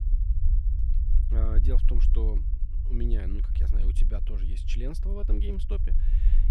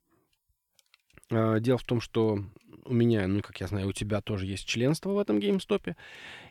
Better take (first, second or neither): second